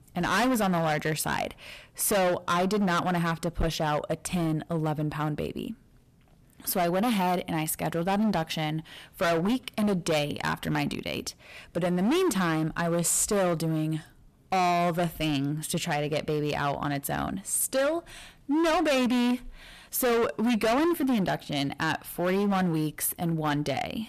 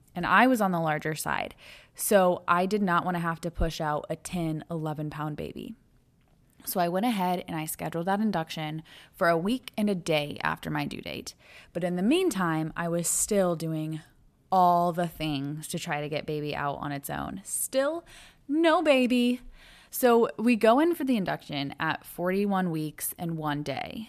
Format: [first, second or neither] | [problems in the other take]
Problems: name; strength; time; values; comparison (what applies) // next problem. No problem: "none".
second | distortion; heavy; 17% of the sound clipped